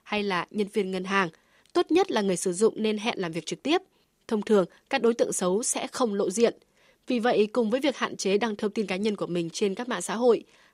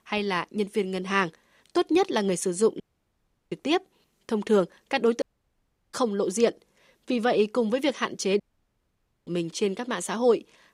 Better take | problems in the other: first | audio cutting out; at 3 s for 0.5 s, at 5 s for 0.5 s and at 8.5 s for 1 s

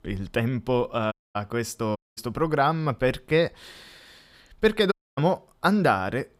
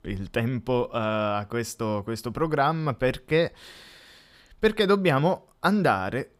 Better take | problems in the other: second | audio cutting out; at 1 s, at 2 s and at 5 s

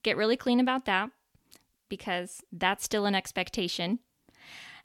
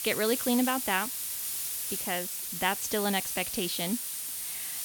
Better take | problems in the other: first | hiss; loud; throughout; 1 dB below the speech

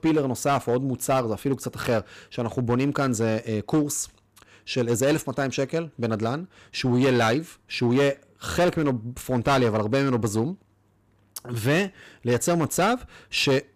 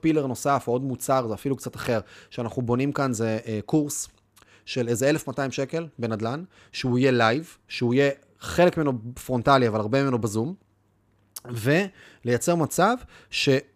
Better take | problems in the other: second | distortion; slight; 7% of the sound clipped

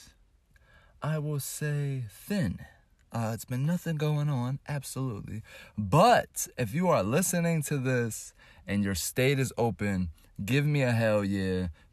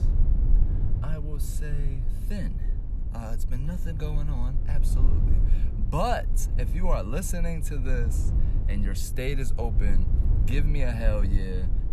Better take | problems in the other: first | low rumble; noticeable; throughout; 10 dB below the speech

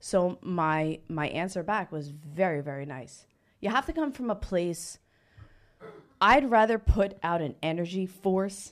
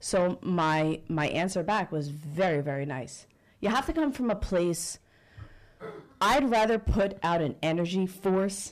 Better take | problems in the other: first | distortion; heavy; 7 dB below the speech

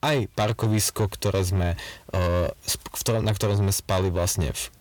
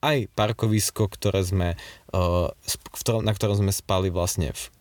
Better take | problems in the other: second | distortion; slight; 10 dB below the speech

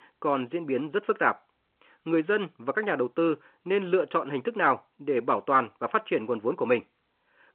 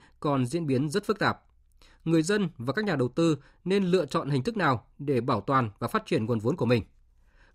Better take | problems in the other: second | phone-call audio

